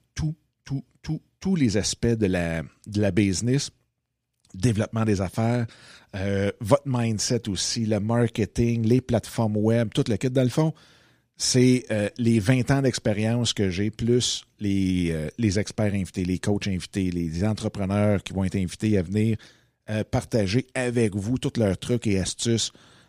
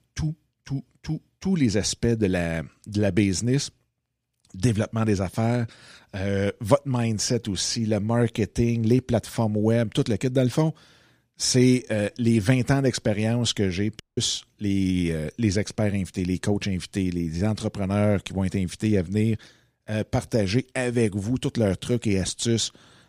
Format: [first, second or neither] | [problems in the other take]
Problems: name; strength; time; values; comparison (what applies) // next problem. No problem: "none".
first | audio cutting out; at 14 s